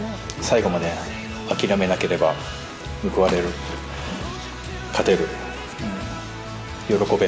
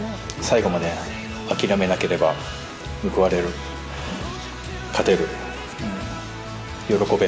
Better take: second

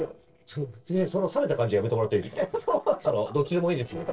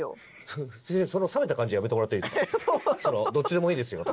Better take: second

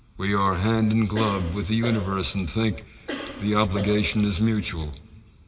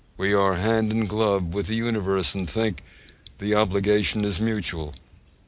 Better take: second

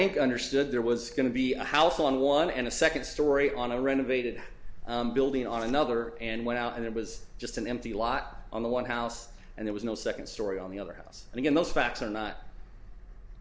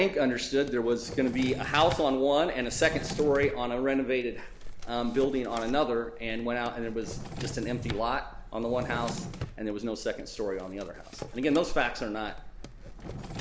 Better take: first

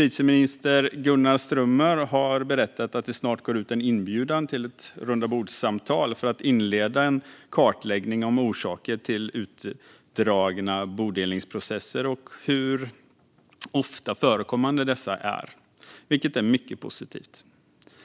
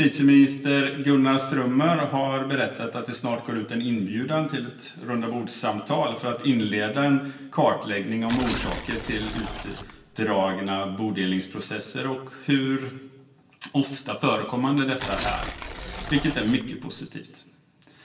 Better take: first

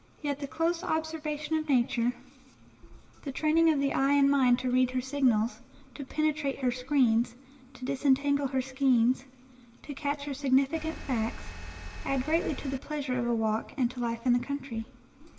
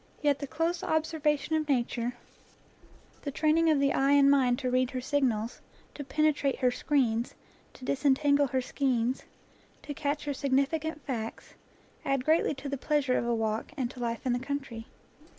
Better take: second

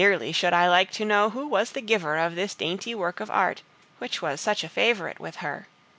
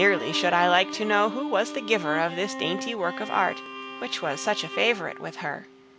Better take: first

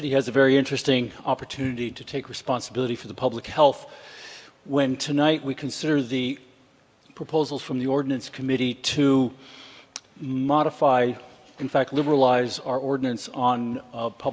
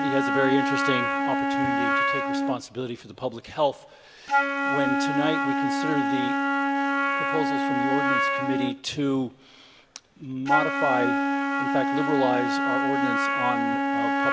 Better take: first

